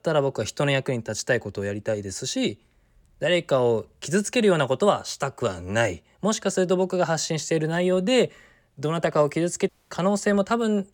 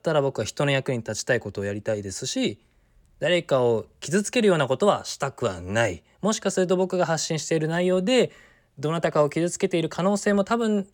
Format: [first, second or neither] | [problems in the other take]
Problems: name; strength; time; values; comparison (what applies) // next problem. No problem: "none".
second | audio cutting out; at 9.5 s